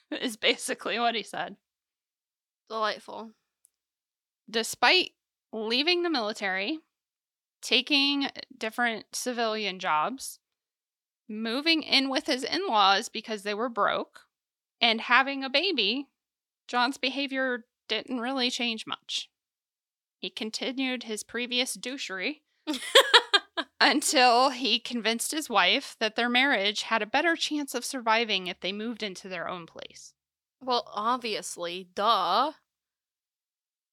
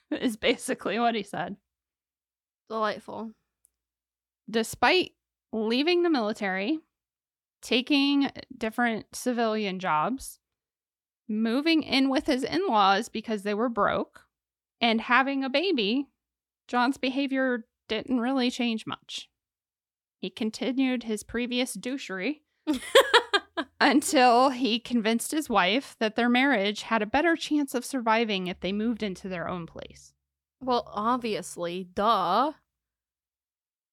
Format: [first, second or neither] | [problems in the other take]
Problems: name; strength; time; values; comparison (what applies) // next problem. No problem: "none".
second | thin; very slightly; fading below 900 Hz